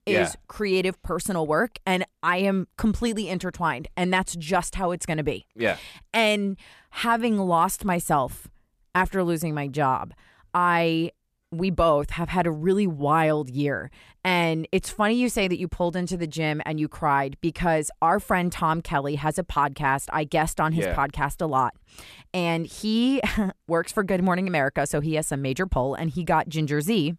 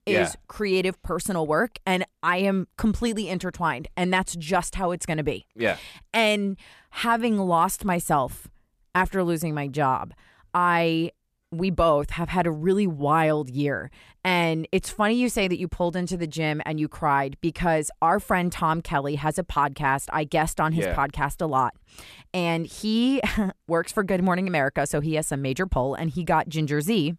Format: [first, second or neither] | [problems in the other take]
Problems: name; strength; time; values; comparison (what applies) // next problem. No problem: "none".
neither | none